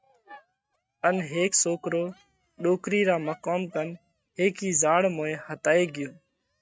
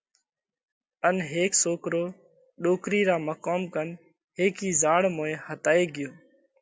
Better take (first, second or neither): second